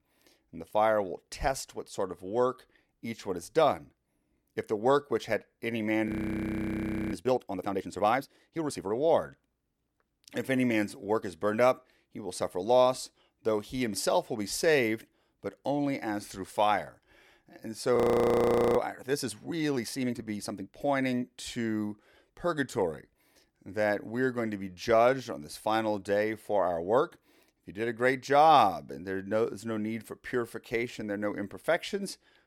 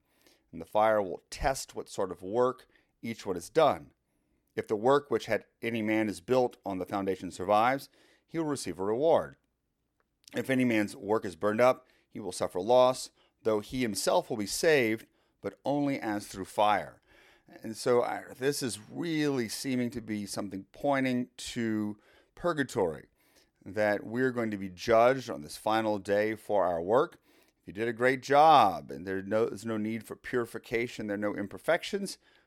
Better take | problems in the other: second | audio freezing; at 6 s for 1 s and at 18 s for 1 s

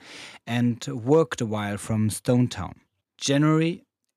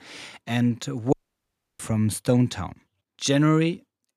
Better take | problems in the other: first | audio cutting out; at 1 s for 0.5 s

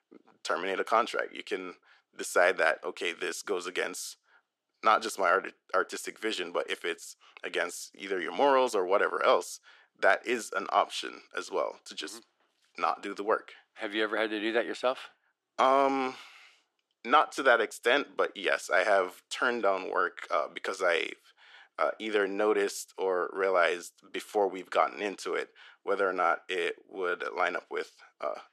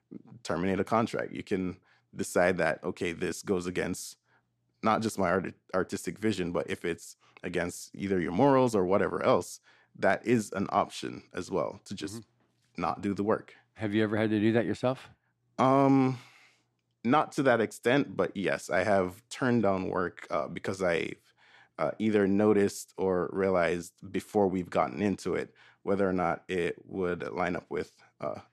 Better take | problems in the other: second | thin; very; fading below 400 Hz

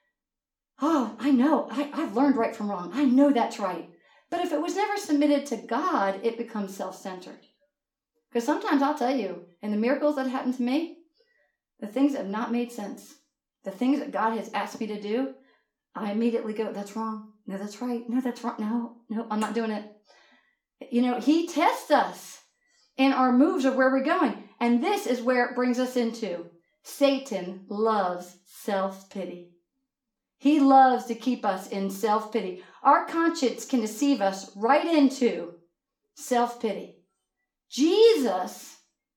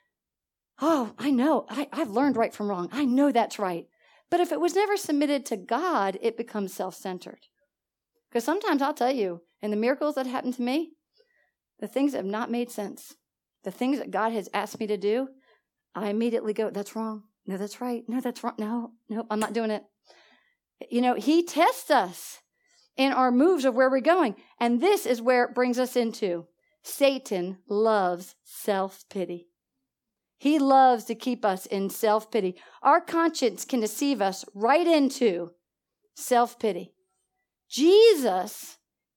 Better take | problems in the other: second | room echo; slight; dies away in 0.4 s // off-mic speech; far

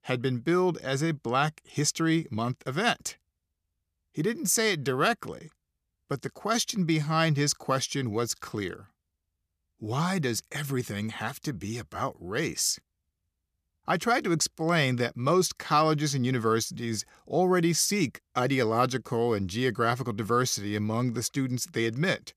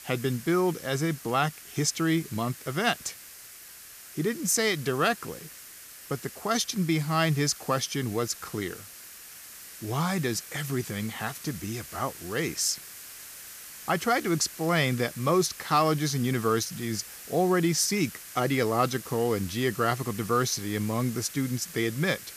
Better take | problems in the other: first | hiss; noticeable; throughout; 15 dB below the speech

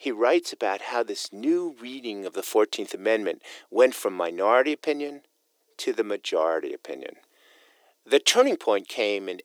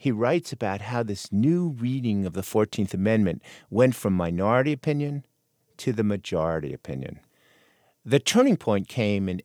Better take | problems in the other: second | thin; very; fading below 350 Hz

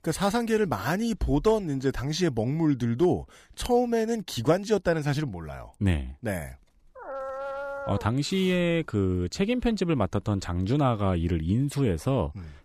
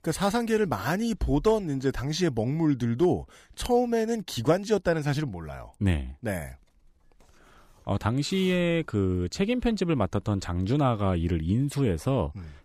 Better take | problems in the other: second | dog barking; noticeable; from 7 to 8 s; peak 7 dB below the speech

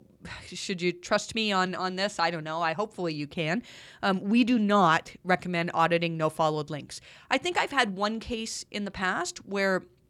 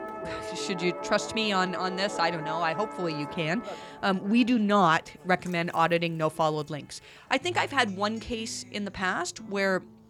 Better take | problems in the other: first | background music; noticeable; throughout; 10 dB below the speech

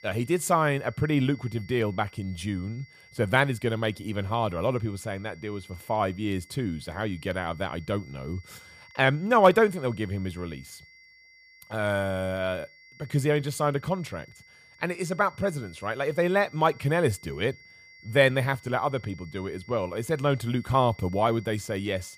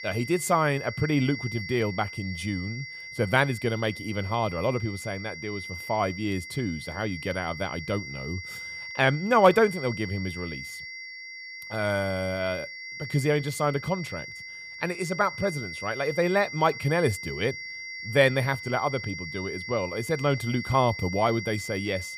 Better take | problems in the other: first | high-pitched whine; loud; throughout; 2 kHz, 9 dB below the speech; faint in the first

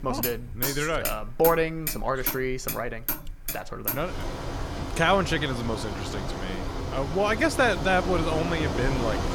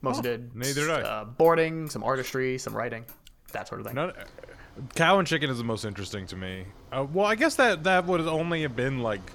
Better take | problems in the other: second | traffic noise; loud; throughout; 5 dB below the speech; faint in the second

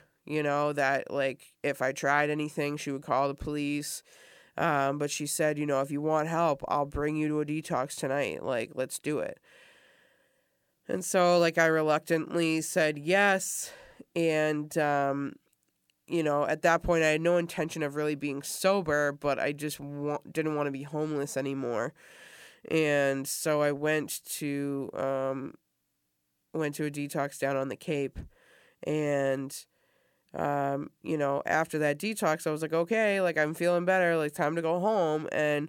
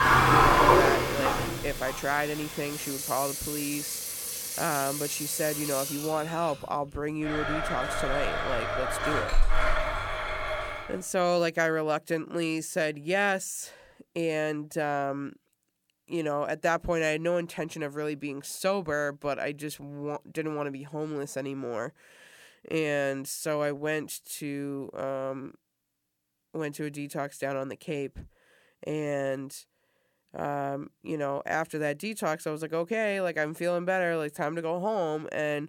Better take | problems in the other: first | household noises; very loud; until 11 s; 3 dB above the speech

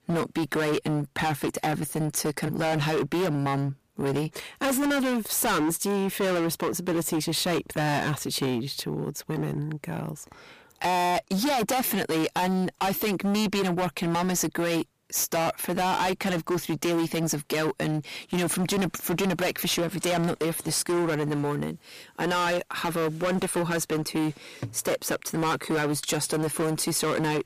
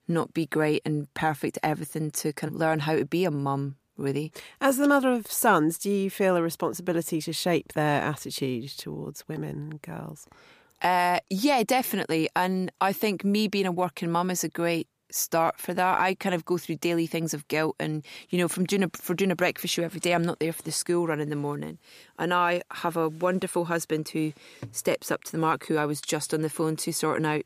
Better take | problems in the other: second | distortion; heavy; 24% of the sound clipped

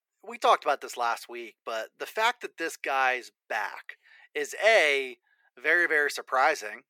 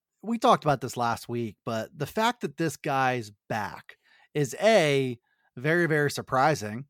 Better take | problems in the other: second | thin; very; fading below 400 Hz

